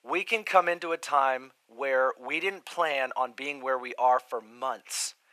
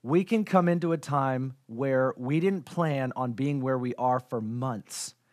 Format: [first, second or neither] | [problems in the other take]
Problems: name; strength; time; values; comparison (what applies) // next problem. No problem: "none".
second | thin; very; fading below 550 Hz